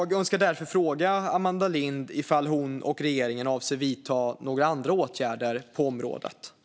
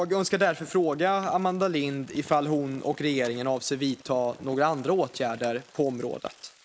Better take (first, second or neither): first